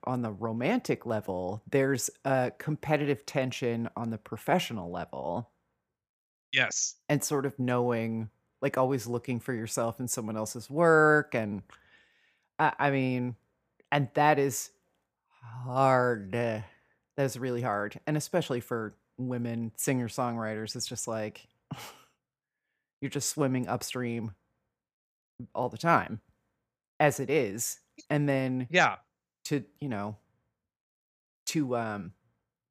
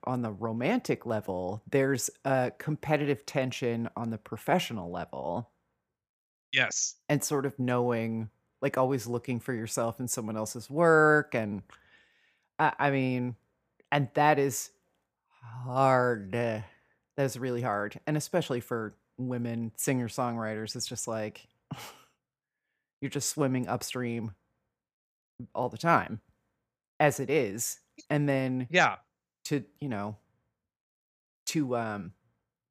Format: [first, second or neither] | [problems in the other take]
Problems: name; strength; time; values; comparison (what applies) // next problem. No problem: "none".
neither | none